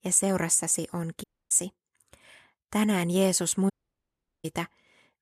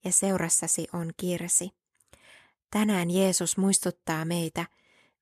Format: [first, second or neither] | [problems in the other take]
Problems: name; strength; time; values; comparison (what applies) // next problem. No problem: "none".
second | audio cutting out; at 1 s and at 3.5 s for 0.5 s